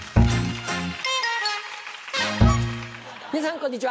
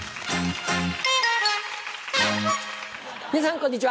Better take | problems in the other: second | background sound (Bowed string instrument); 4 dB above the speech

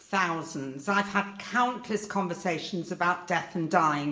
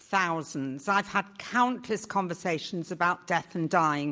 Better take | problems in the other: second | room echo; dies away in 0.6 s

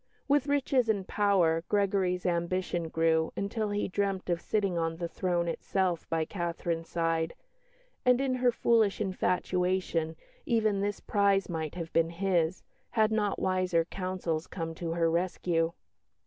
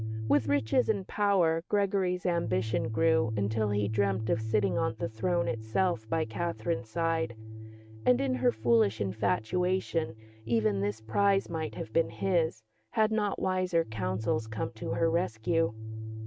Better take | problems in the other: first | noise reduction (neural mask model RNNoise)

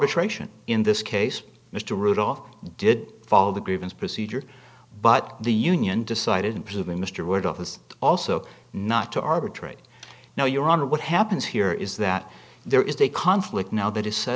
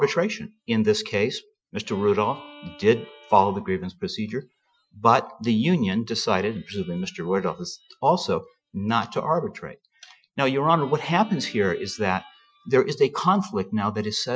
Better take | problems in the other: first | noise reduction (classical method Wiener filter)

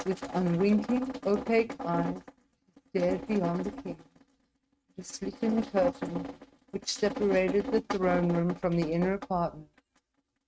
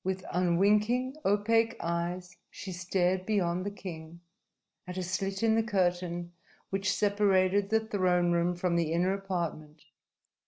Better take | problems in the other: second | noise reduction (neural mask model RNNoise)

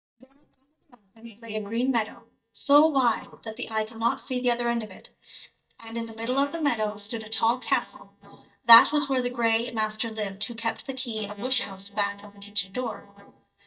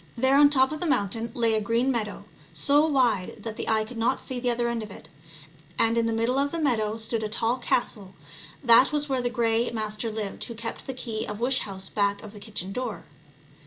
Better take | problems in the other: second | noise reduction (neural mask model DeepFilterNet 3)

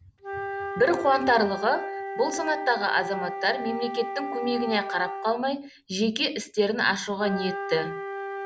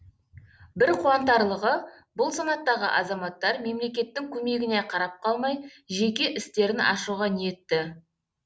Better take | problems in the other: second | background sound (Wind instrument, woodwind instrument); 7 dB below the speech

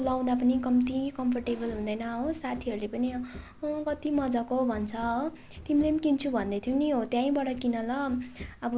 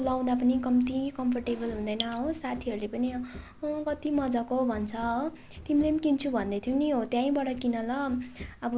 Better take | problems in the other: first | background sound (Drip); 9 dB below the speech

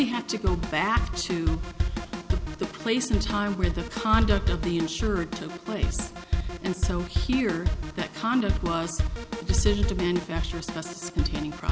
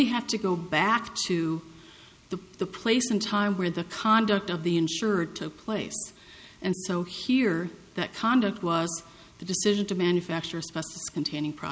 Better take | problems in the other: second | background sound (Drum kit); 1 dB above the speech

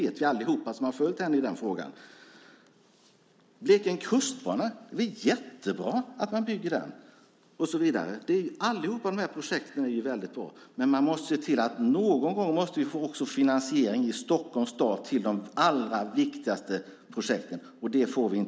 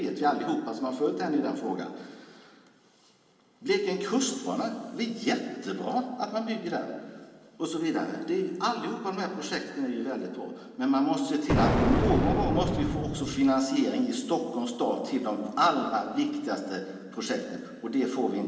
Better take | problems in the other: first | background sound (Explosion); 3 dB above the speech // room echo; dies away in 2.4 s

